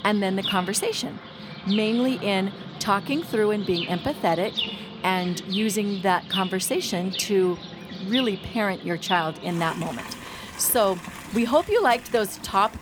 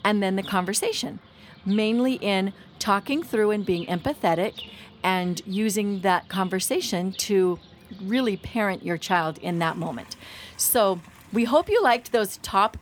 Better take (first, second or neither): second